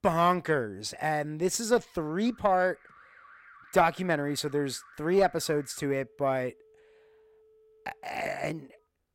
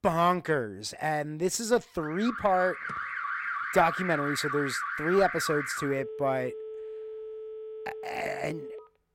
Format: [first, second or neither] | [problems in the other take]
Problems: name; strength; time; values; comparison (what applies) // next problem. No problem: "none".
first | alarms or sirens; loud; throughout; 6 dB below the speech; faint in the first